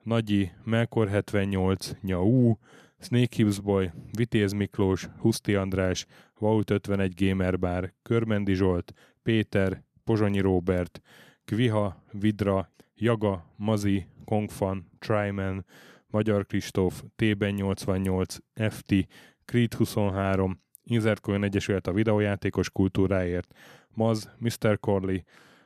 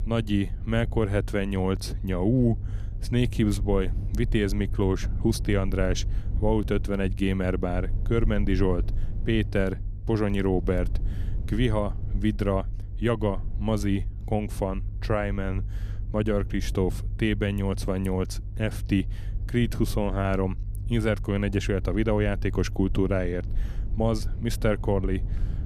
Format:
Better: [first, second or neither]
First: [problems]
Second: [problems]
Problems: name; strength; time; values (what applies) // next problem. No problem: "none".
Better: first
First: none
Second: low rumble; noticeable; throughout; 20 dB below the speech